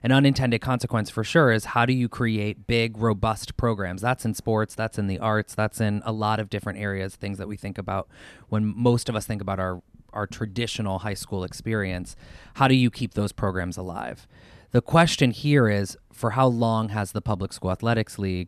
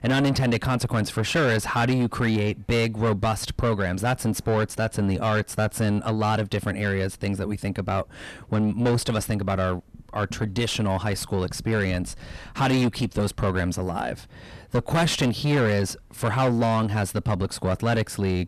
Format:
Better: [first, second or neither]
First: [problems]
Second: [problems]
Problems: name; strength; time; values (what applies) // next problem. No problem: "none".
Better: first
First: none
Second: distortion; heavy; 6 dB below the speech